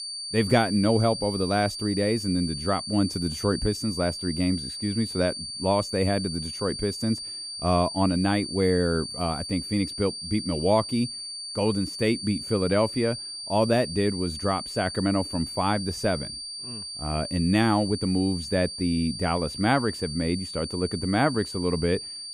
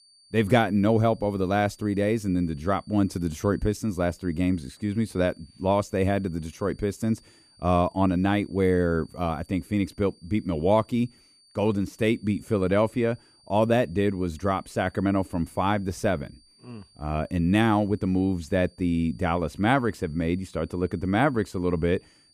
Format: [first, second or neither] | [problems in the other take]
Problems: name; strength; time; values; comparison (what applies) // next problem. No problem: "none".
second | high-pitched whine; loud; throughout; 4.5 kHz, 7 dB below the speech; faint in the second